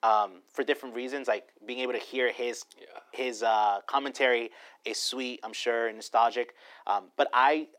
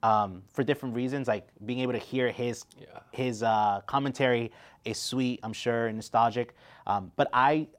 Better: second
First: thin; somewhat; fading below 300 Hz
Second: none

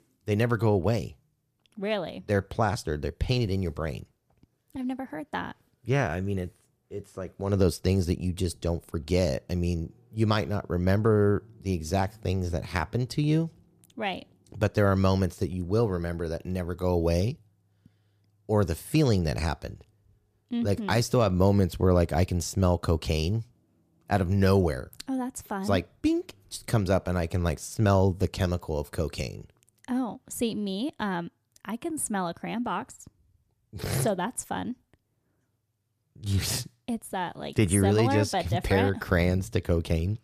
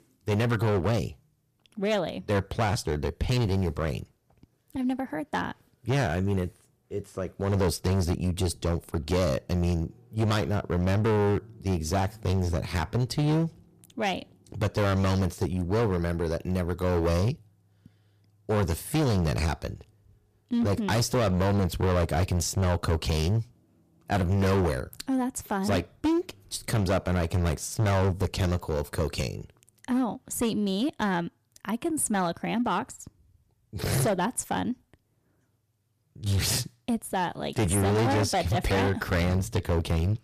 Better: first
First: none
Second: distortion; heavy; 13% of the sound clipped

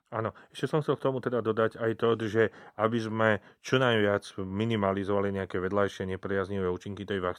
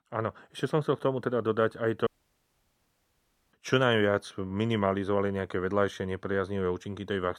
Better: first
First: none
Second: audio cutting out; at 2 s for 1.5 s

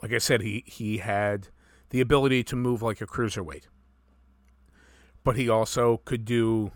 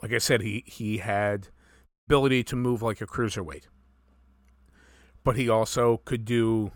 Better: first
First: none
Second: audio cutting out; at 2 s

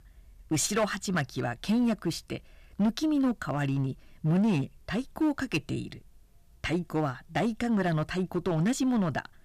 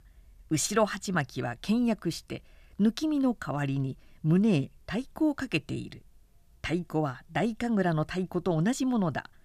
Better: second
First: distortion; slight; 7% of the sound clipped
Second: none

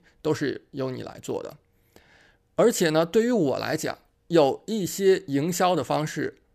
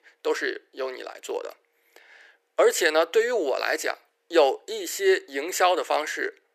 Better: first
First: none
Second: thin; very; fading below 350 Hz

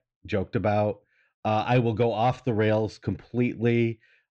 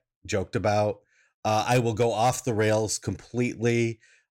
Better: second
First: muffled; very; fading above 3.5 kHz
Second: none

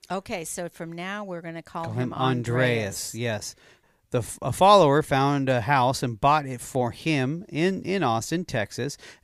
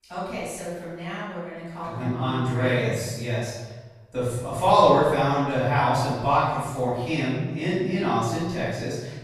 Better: first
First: none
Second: off-mic speech; far // room echo; strong; dies away in 1.2 s

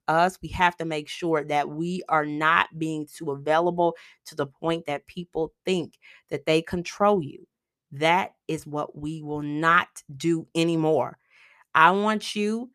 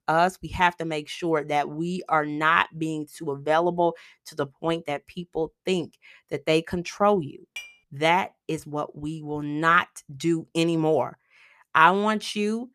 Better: first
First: none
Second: clattering dishes; faint; at 7.5 s; peak 15 dB below the speech

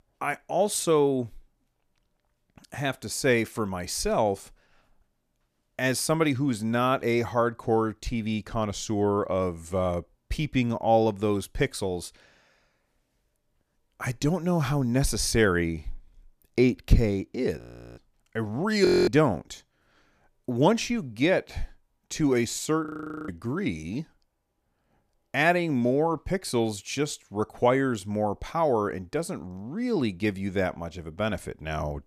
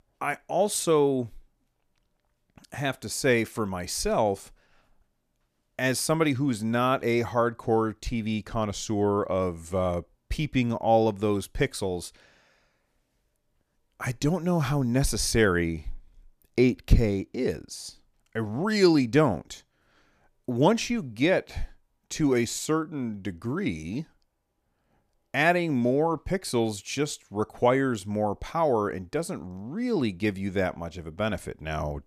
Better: second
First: audio freezing; at 18 s, at 19 s and at 23 s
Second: none

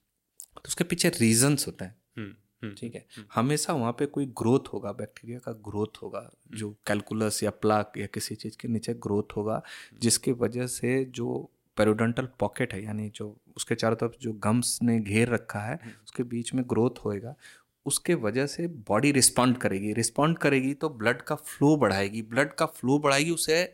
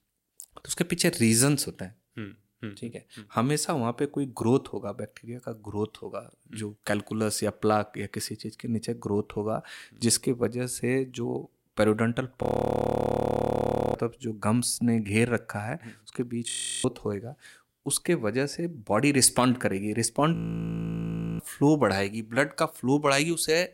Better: first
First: none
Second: audio freezing; at 12 s for 1.5 s, at 16 s and at 20 s for 1 s

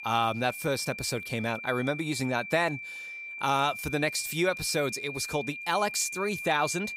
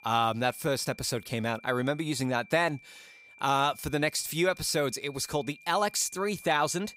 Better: second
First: high-pitched whine; loud; throughout; 2.5 kHz, 8 dB below the speech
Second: high-pitched whine; faint; throughout; 2.5 kHz, 25 dB below the speech

